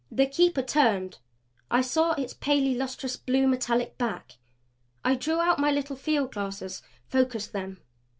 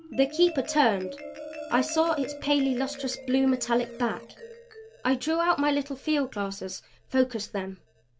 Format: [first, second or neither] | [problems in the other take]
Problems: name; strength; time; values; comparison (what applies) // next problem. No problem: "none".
first | background sound (Marimba, xylophone); 14 dB below the speech